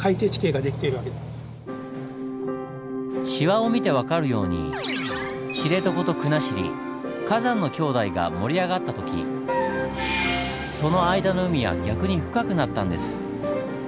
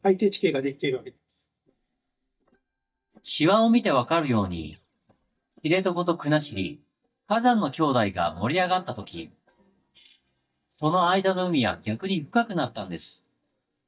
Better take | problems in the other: first | noise reduction (neural mask model DeepFilterNet 3)

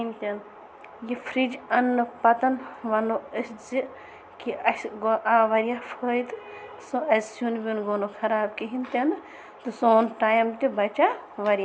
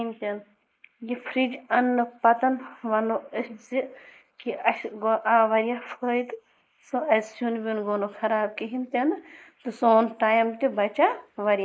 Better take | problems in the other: first | noise reduction (neural mask model Resemble Enhance denoiser)

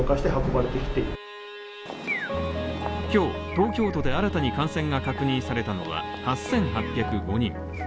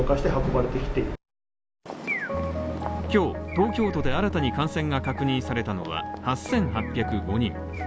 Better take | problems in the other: second | background sound (Bowed string instrument); 14 dB below the speech

